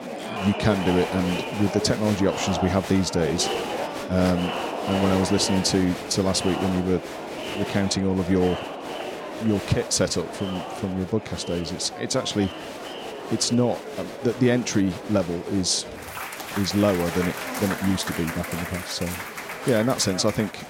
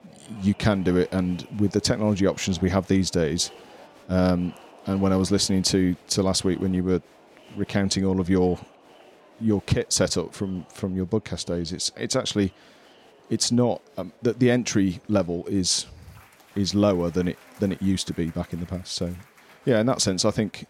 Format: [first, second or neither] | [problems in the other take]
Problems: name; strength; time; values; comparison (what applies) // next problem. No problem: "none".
second | crowd noise; loud; throughout; 7 dB below the speech; faint in the second